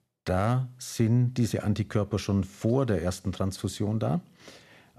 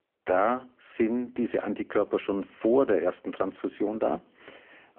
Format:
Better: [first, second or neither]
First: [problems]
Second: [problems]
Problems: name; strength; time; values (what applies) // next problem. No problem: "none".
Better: first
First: none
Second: phone-call audio; poor line